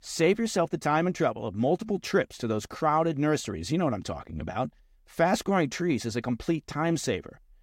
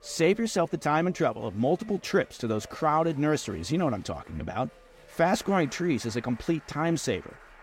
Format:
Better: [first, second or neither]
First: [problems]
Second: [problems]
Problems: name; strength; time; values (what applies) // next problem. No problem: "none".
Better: first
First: none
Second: crowd noise; faint; throughout; 25 dB below the speech